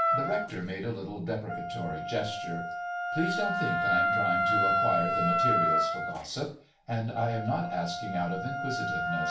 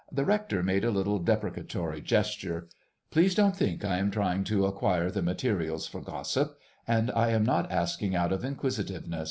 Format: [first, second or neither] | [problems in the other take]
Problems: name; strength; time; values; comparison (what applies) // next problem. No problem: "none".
second | background sound (Wind instrument, woodwind instrument); 3 dB above the speech // room echo; dies away in 0.4 s